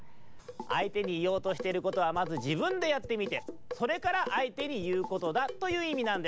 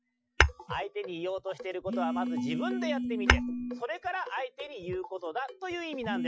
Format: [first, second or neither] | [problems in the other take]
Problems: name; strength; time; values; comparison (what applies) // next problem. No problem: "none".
first | noise reduction (classical method Wiener filter)